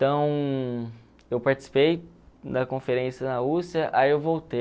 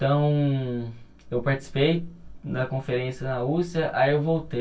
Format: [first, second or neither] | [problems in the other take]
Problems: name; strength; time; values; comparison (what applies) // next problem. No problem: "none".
first | room echo; dies away in 0.1 s